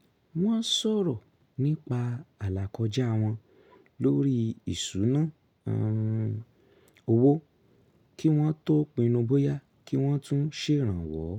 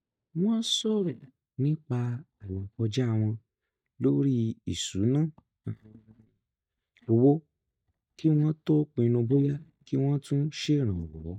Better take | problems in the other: first | noise reduction (neural mask model DeepFilterNet 3)

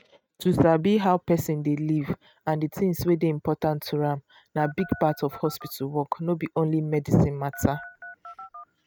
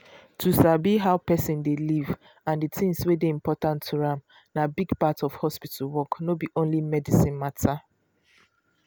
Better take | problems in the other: second | noise reduction (neural mask model RNNoise)

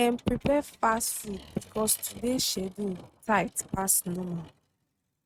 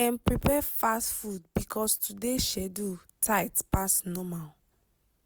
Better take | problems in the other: second | noise reduction (neural mask model RNNoise)

